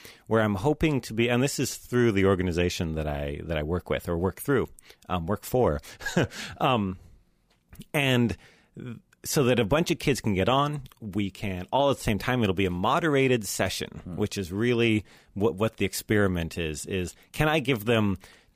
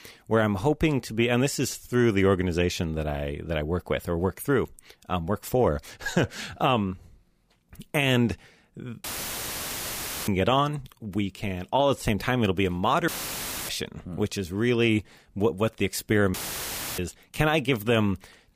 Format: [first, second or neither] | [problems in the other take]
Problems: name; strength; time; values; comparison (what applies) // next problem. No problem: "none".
first | audio cutting out; filled with static; at 9 s for 1 s, at 13 s for 0.5 s and at 16 s for 0.5 s